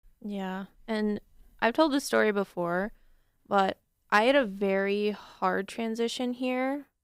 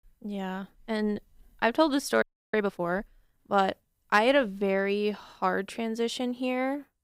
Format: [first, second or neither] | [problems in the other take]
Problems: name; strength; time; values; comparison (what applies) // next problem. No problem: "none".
first | audio freezing; at 2 s